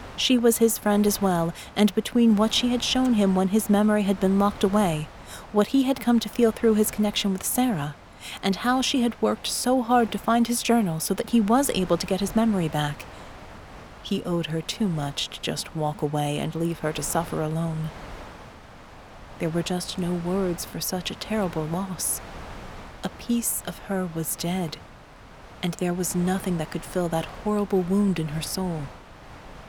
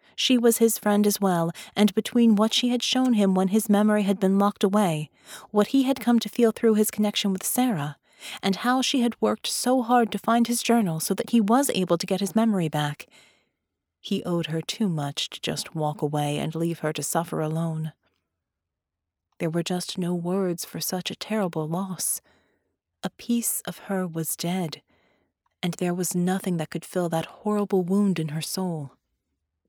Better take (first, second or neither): second